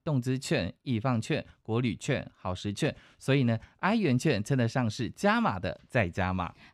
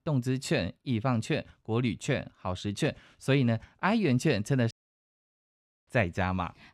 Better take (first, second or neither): first